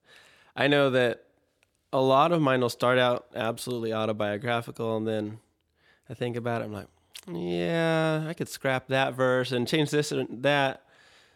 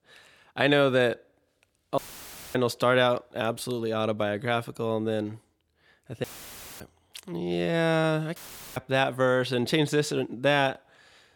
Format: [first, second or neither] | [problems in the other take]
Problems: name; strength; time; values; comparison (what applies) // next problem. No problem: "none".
first | audio cutting out; filled with static; at 2 s for 0.5 s, at 6 s for 0.5 s and at 8.5 s